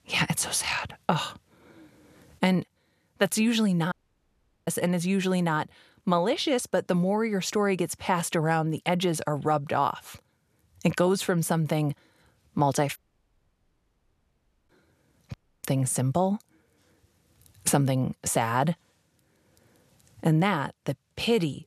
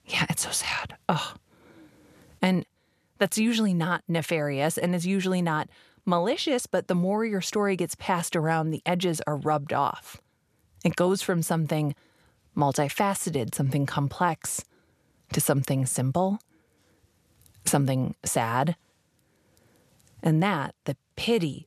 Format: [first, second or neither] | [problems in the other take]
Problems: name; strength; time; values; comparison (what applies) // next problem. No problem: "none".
second | audio cutting out; at 4 s for 1 s, at 13 s for 1.5 s and at 15 s